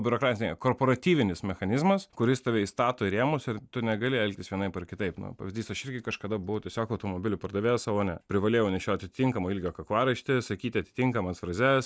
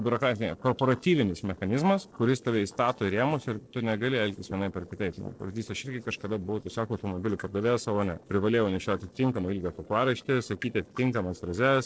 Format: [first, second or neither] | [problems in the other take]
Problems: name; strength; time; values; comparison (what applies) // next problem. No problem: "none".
first | noise reduction (neural separator model SepFormer DNS4)